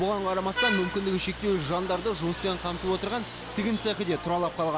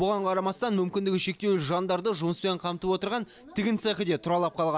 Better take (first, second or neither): second